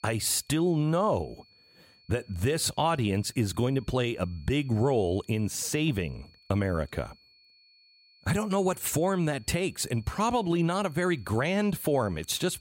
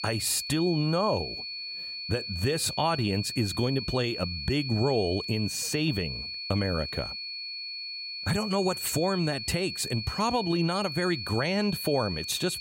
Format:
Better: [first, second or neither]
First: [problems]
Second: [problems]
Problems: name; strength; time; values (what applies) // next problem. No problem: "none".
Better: first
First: high-pitched whine; faint; throughout; 4.5 kHz, 30 dB below the speech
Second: high-pitched whine; loud; throughout; 4.5 kHz, 6 dB below the speech